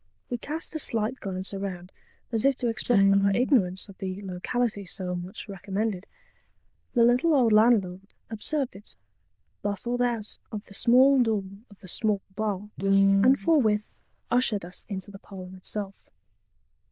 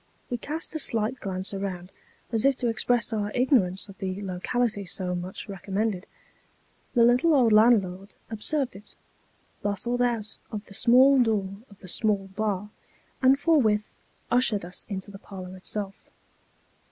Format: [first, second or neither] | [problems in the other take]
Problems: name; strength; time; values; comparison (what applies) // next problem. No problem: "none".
second | noise reduction (neural diffusion model UNIVERSE++)